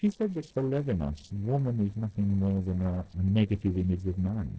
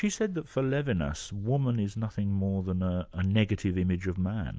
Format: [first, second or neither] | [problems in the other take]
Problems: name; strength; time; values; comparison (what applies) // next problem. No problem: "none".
second | noise reduction (neural separator model SepFormer DNS4)